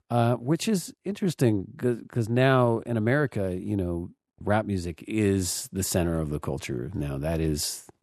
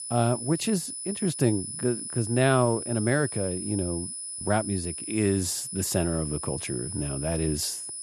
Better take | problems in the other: first | high-pitched whine; loud; throughout; 10 kHz, 6 dB below the speech

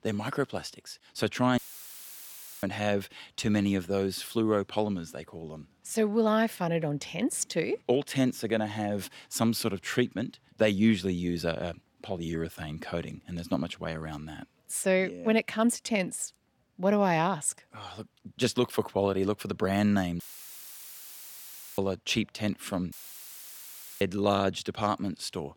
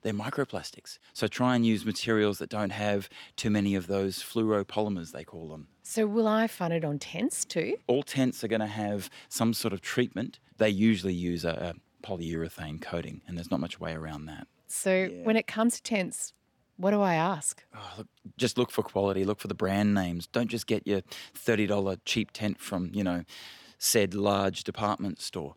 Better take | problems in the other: second | audio cutting out; filled with static; at 1.5 s for 1 s, at 20 s for 1.5 s and at 23 s for 1 s

